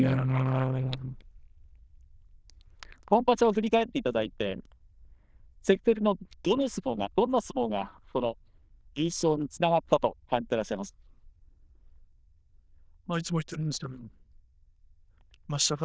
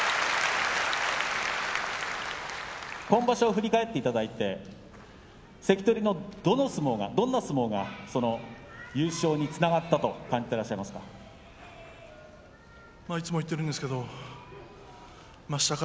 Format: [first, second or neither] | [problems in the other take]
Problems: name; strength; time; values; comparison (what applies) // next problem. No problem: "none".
second | noise reduction (neural diffusion model UNIVERSE++)